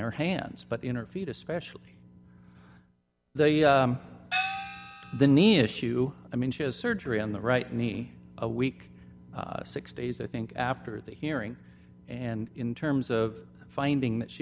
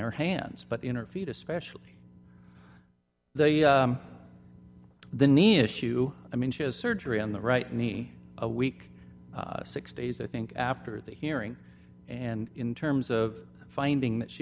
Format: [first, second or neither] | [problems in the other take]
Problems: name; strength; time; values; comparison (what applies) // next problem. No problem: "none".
second | background sound (Gong); 5 dB below the speech